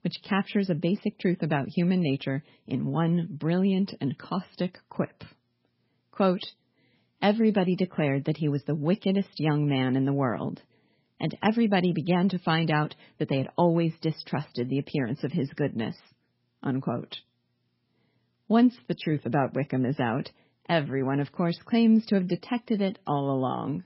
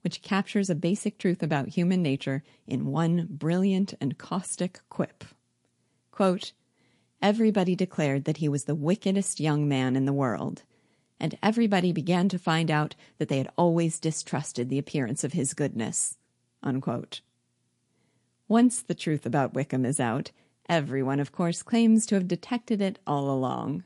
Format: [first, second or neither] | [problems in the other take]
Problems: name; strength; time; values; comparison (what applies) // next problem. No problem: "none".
second | garbled, watery; badly; nothing above 5.5 kHz; slightly in the second